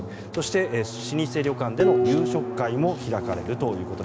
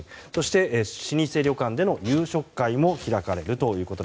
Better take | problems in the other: second | background sound (Dishes, pots, and pans + Drum); 1 dB below the speech

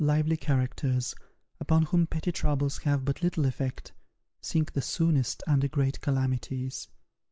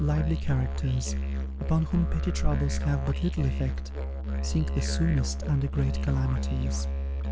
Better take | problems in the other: first | background sound (Musical instrument); as loud as the speech

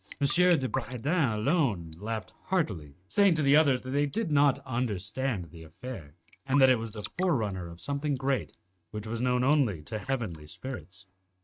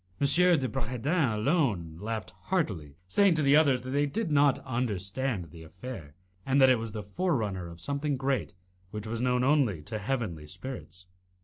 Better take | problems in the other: second | noise reduction (neural mask model RNNoise)

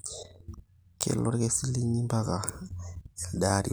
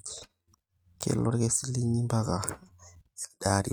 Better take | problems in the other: first | noise reduction (neural mask model RNNoise)

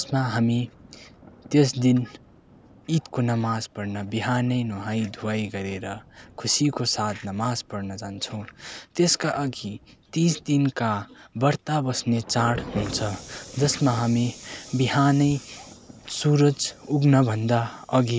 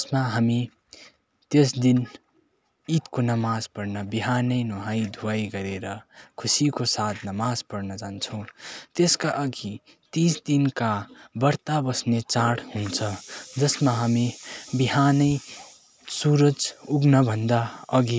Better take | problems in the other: second | background sound (Thunder / Rain); 20 dB below the speech

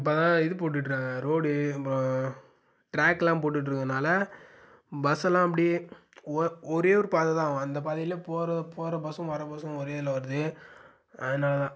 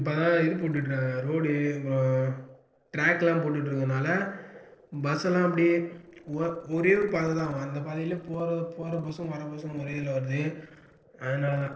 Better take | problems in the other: first | noise reduction (neural separator model SepFormer DNS4)

